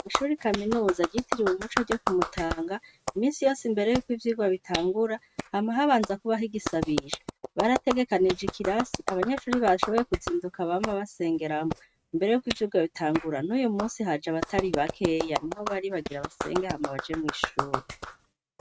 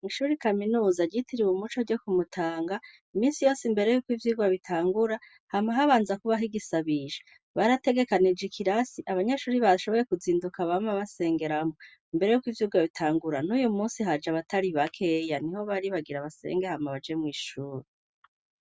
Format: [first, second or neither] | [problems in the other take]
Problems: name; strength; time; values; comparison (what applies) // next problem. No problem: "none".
second | noise reduction (neural mask model RNNoise)